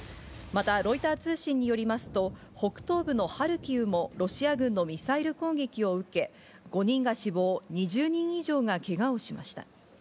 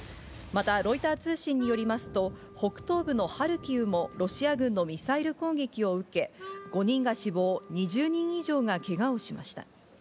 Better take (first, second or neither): first